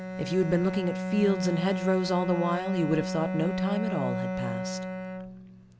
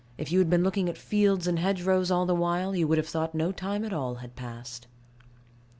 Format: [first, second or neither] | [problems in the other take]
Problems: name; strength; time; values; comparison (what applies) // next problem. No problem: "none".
second | background sound (Bowed string instrument); 3 dB below the speech